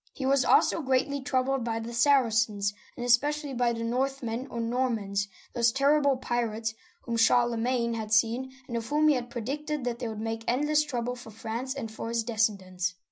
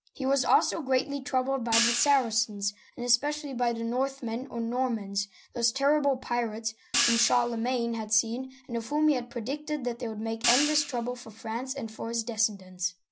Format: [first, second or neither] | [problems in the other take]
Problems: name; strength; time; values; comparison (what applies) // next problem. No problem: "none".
first | background sound (Hi-hat); 5 dB below the speech